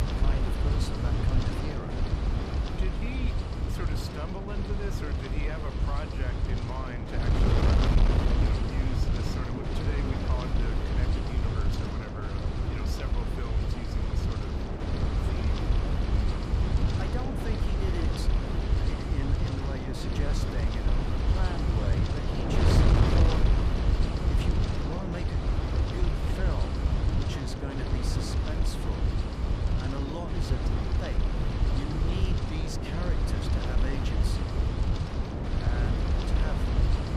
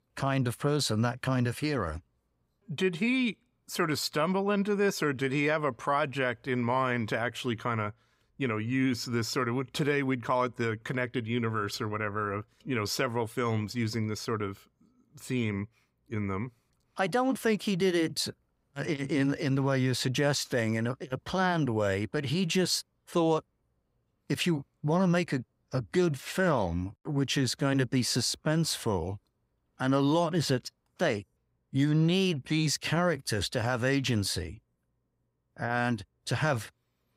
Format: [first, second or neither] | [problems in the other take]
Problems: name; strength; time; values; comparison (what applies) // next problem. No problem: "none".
second | wind noise on the microphone; heavy; 5 dB above the speech